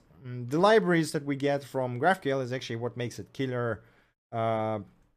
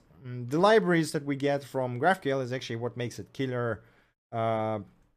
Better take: neither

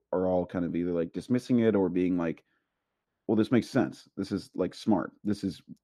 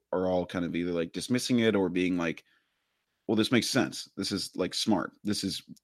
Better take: second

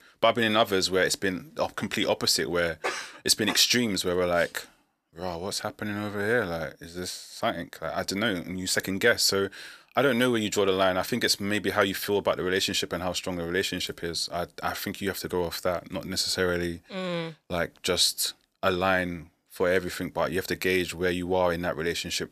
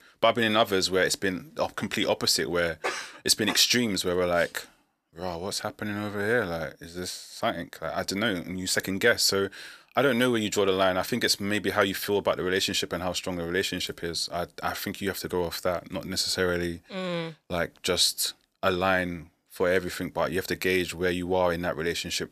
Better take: neither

